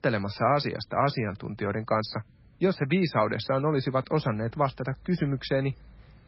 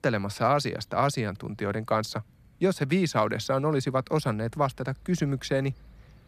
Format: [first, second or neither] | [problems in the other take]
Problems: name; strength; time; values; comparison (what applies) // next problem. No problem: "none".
second | garbled, watery; badly; nothing above 5.5 kHz